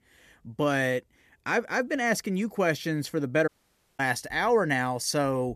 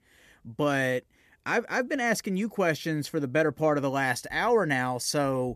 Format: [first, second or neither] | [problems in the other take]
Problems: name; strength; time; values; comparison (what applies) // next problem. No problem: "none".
second | audio cutting out; at 3.5 s for 0.5 s